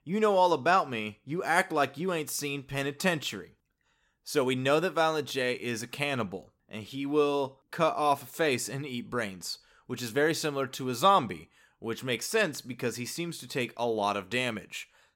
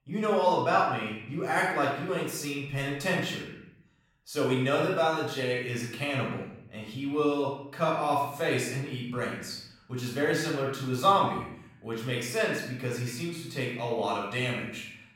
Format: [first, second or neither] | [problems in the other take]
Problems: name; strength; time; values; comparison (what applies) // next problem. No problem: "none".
first | off-mic speech; far // room echo; noticeable; dies away in 0.8 s